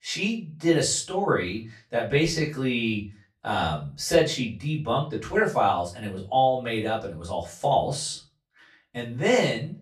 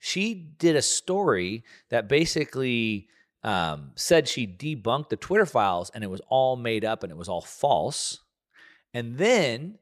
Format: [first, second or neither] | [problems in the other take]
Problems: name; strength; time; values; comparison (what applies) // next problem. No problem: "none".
second | off-mic speech; far // room echo; slight; dies away in 0.3 s